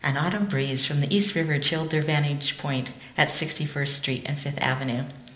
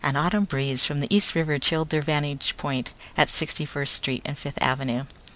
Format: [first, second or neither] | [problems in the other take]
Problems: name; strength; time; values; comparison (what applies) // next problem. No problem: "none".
second | room echo; dies away in 0.8 s